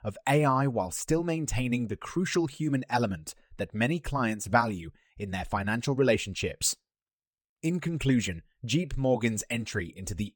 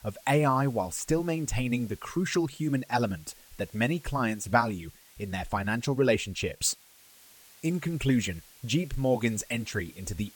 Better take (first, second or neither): first